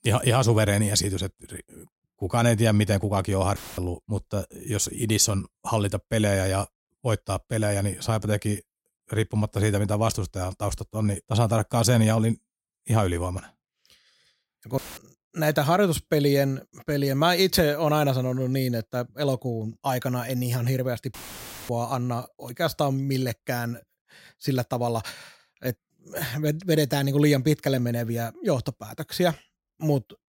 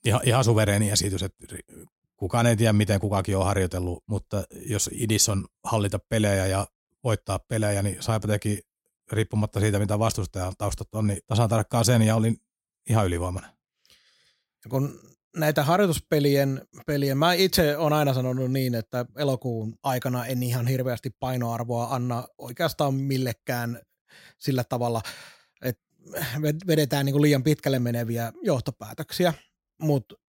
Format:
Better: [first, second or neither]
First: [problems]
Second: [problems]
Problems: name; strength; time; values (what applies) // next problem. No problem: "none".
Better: second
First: audio cutting out; filled with static; at 3.5 s, at 15 s and at 21 s for 0.5 s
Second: none